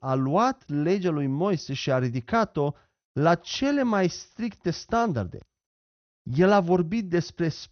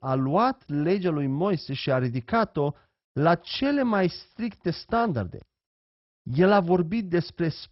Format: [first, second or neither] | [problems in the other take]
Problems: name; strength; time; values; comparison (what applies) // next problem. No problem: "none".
first | garbled, watery; badly; nothing above 5.5 kHz; slightly in the first